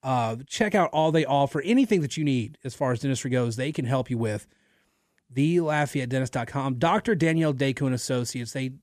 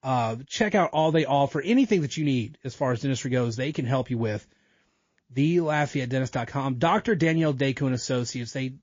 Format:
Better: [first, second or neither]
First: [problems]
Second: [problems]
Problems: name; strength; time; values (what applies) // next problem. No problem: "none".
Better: first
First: none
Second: garbled, watery; slightly